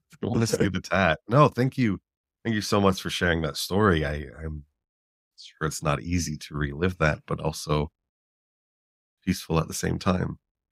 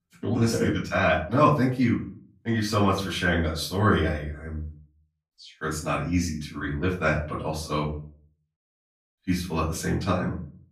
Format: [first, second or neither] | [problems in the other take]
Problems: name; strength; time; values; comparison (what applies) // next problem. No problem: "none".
first | off-mic speech; far // room echo; slight; dies away in 0.4 s